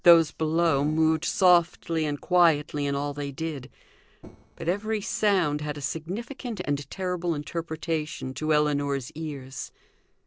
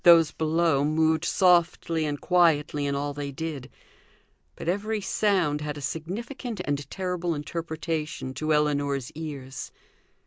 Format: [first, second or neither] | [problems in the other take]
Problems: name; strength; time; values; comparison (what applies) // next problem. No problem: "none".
second | noise reduction (neural separator model SepFormer DNS4)